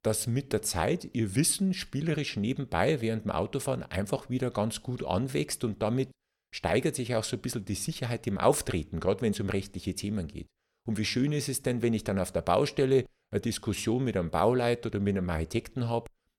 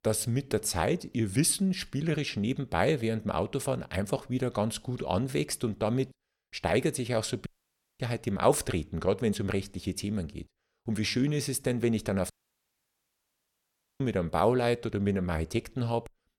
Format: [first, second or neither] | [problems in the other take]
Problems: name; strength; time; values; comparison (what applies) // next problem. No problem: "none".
first | audio cutting out; at 7.5 s for 0.5 s and at 12 s for 1.5 s